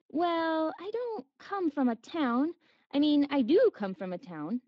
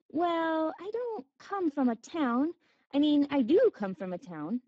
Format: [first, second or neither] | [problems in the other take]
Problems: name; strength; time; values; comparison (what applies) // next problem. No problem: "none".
first | garbled, watery; badly; slightly in the first